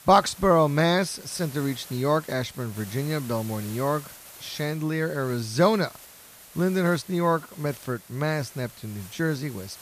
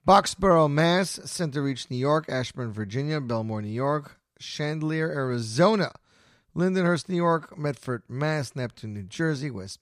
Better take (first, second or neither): second